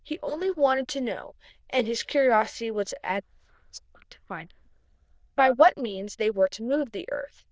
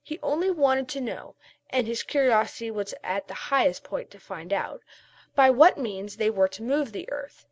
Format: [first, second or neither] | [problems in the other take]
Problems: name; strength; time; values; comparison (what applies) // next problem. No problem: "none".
second | noise reduction (neural diffusion model UNIVERSE++)